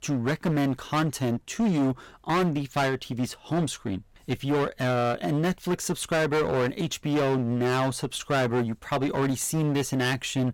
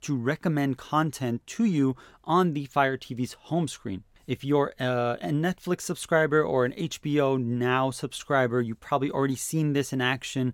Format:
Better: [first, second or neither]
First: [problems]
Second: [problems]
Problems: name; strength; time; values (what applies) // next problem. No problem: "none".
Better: second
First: distortion; heavy; 18% of the sound clipped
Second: none